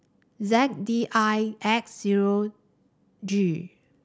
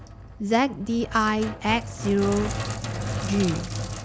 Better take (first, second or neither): first